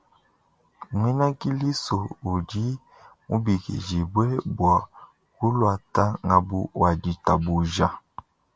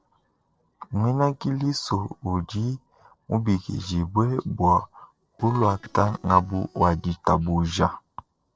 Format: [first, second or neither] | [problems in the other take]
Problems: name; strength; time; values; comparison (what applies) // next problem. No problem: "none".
first | noise reduction (neural separator model SepFormer DNS4)